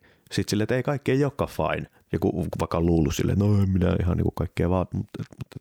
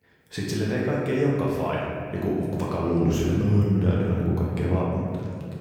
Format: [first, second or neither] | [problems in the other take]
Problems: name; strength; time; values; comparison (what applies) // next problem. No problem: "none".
first | room echo; noticeable; dies away in 1.8 s // off-mic speech; far